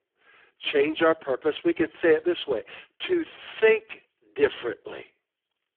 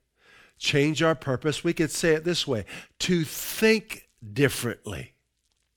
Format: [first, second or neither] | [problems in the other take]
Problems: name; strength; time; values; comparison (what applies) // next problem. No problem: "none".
second | phone-call audio; poor line